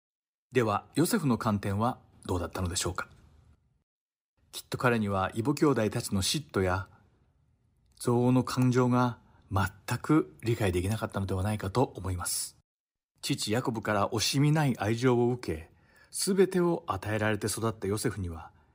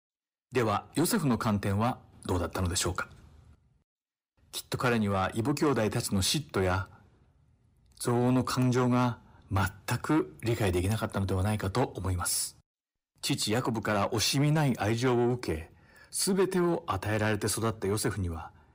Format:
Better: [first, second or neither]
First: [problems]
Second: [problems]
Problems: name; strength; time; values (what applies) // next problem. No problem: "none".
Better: first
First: none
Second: distortion; slight; 10 dB below the speech